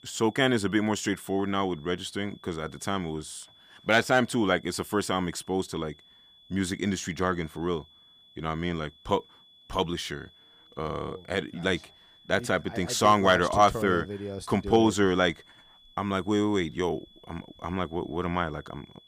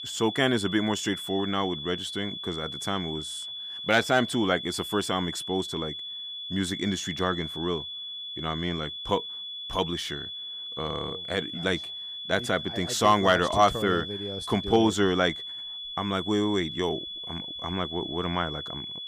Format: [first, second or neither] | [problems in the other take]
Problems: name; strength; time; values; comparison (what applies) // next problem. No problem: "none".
first | high-pitched whine; loud; throughout; 3.5 kHz, 7 dB below the speech; faint in the first